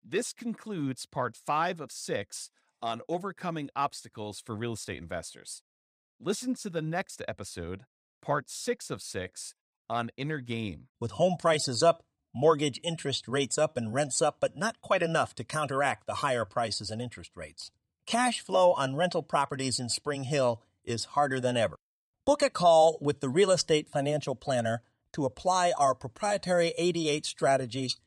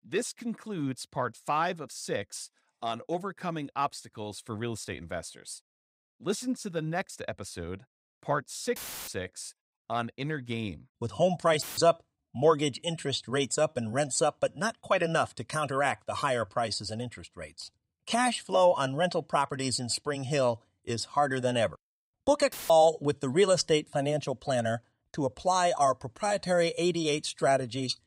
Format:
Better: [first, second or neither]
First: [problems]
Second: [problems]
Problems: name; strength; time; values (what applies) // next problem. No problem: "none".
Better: first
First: none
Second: audio cutting out; filled with static; at 9 s, at 12 s and at 23 s